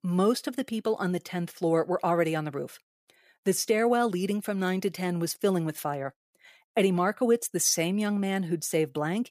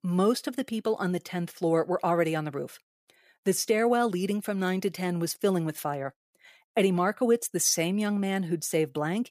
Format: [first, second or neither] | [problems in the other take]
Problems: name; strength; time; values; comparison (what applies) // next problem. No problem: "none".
neither | none